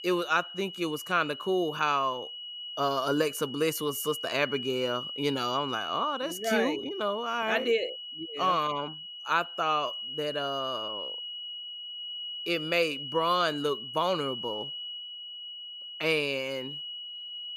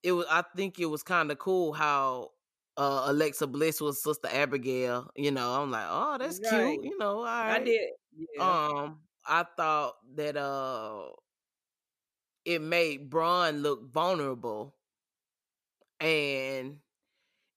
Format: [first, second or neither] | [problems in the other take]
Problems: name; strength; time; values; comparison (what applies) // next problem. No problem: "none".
second | high-pitched whine; loud; throughout; 3 kHz, 7 dB below the speech